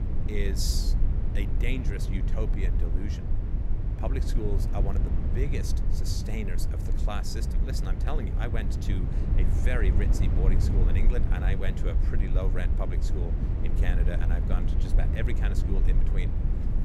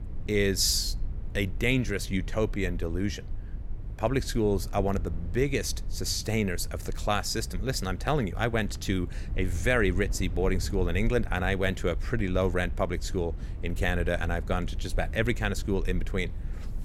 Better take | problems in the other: second | low rumble; loud; throughout; 4 dB below the speech; faint in the second

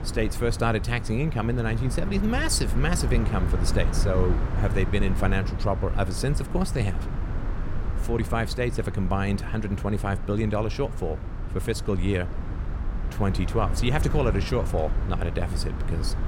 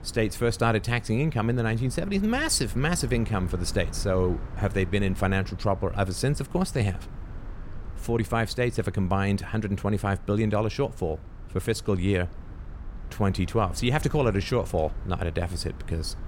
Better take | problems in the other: second | low rumble; loud; throughout; 10 dB below the speech; faint in the second

